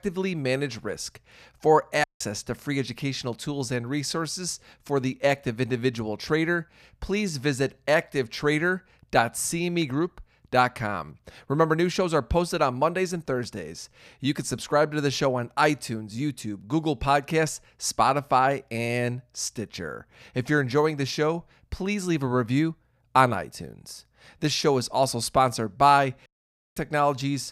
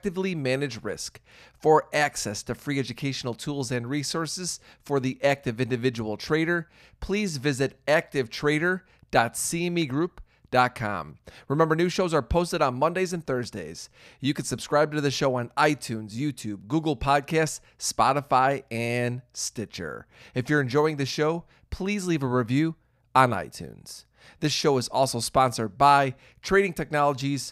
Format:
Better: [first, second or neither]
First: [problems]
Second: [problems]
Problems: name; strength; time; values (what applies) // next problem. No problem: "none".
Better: second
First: audio cutting out; at 2 s and at 26 s for 0.5 s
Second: none